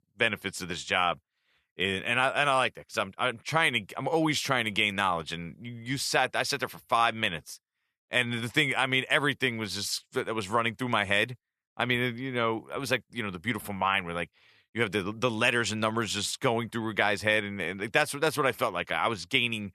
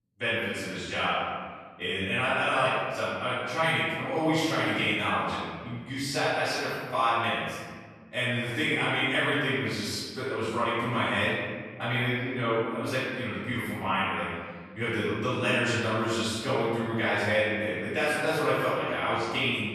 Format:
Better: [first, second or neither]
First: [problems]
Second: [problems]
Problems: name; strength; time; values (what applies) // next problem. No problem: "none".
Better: first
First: none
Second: off-mic speech; far // room echo; strong; dies away in 1.6 s